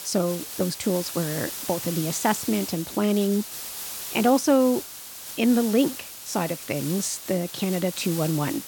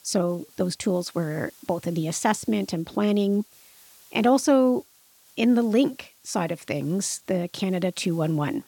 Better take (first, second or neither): second